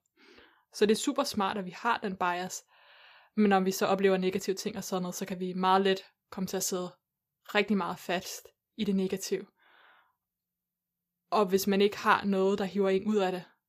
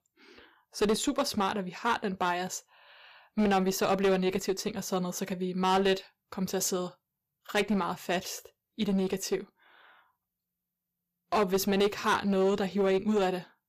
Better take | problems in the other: first | distortion; slight; 6% of the sound clipped

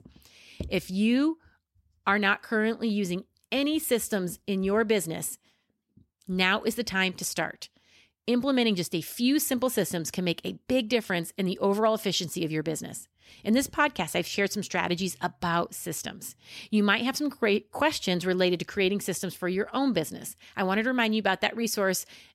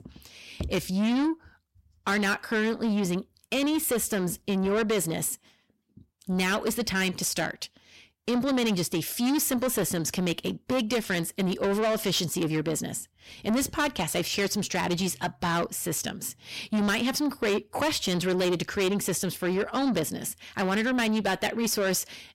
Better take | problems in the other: first | distortion; heavy; 7 dB below the speech

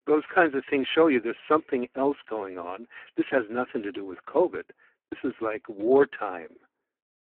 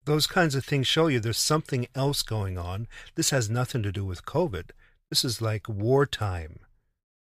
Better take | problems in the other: second | phone-call audio; poor line

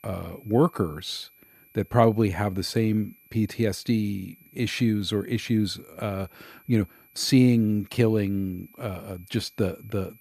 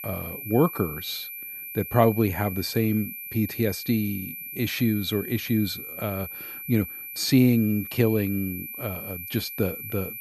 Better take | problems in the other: first | high-pitched whine; loud; throughout; 12 kHz, 8 dB below the speech; faint in the first

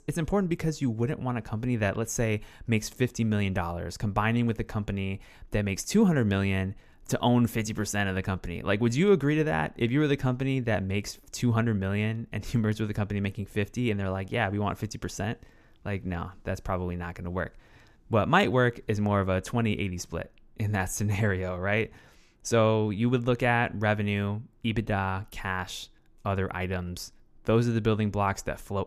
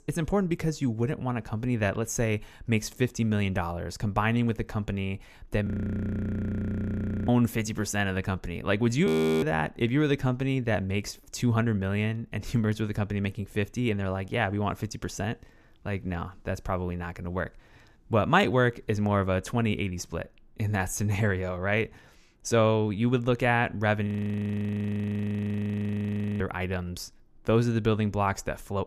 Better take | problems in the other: first | audio freezing; at 5.5 s for 1.5 s, at 9 s and at 24 s for 2.5 s

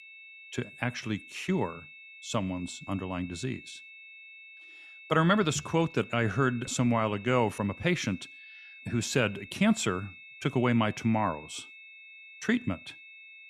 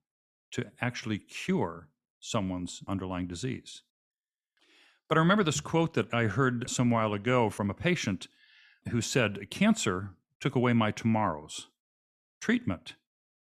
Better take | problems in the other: second | high-pitched whine; noticeable; throughout; 2.5 kHz, 15 dB below the speech

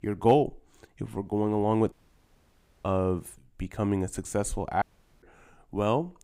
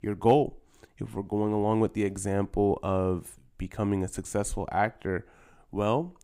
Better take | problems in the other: second | audio cutting out; at 2 s for 1 s and at 5 s

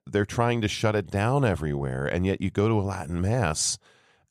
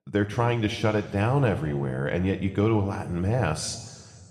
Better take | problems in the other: first | room echo; slight; dies away in 1.8 s

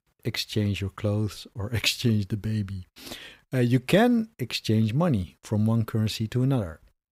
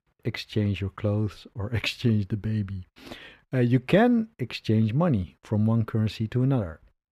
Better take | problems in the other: first | muffled; slightly; fading above 4 kHz

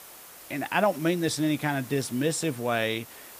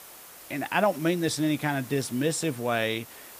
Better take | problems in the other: neither | hiss; noticeable; throughout; 15 dB below the speech; the same in both

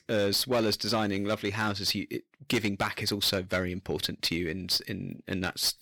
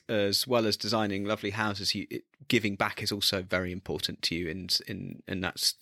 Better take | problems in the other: second | distortion; slight; 6% of the sound clipped

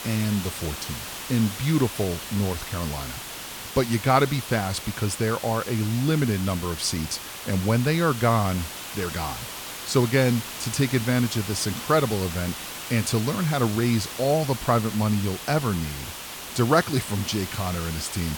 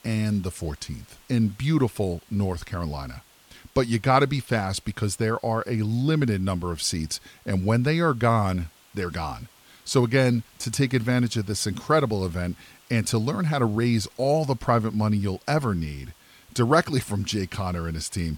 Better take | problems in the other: second | hiss; loud; throughout; 9 dB below the speech; faint in the second

